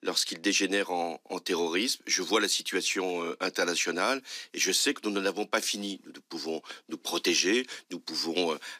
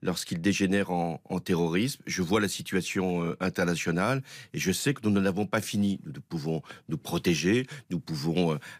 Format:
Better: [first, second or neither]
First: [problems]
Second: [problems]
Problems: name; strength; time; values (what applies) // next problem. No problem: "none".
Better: second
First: thin; somewhat; fading below 250 Hz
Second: none